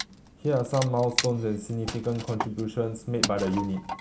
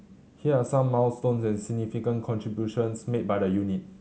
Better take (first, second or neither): second